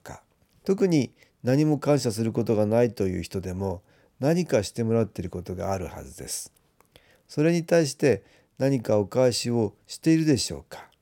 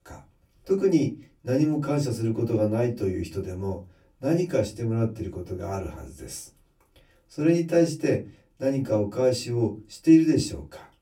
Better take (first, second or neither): first